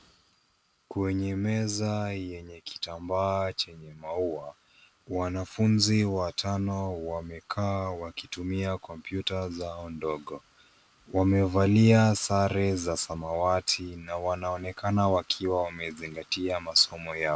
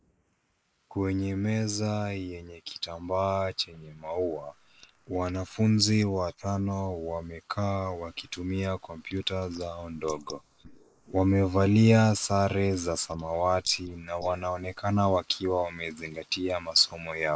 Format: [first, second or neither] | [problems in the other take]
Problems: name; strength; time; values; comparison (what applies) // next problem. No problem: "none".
first | noise reduction (neural mask model Resemble Enhance denoiser)